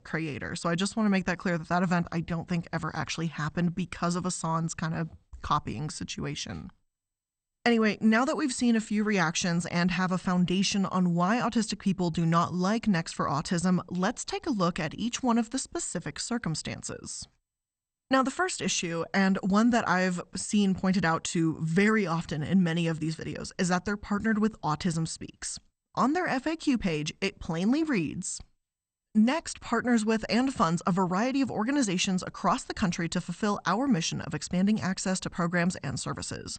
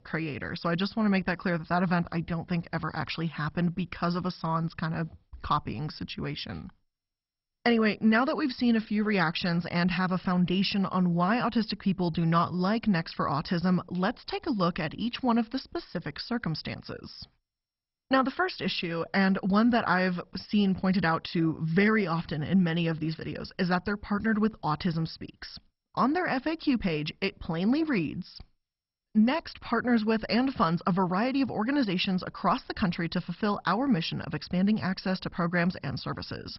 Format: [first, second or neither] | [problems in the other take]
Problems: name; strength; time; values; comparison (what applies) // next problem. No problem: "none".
first | garbled, watery; badly; nothing above 5.5 kHz; slightly in the first